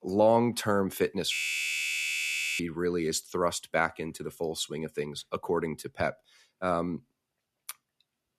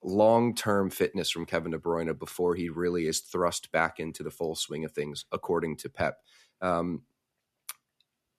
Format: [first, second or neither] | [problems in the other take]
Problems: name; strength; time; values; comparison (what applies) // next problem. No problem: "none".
second | audio freezing; at 1.5 s for 1.5 s